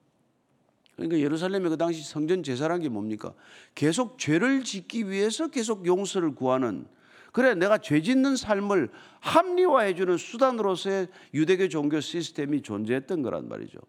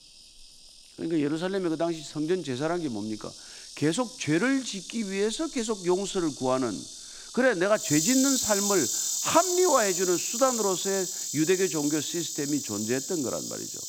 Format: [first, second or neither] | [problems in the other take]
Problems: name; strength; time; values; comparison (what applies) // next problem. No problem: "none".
first | animal sounds; loud; throughout; 3 dB below the speech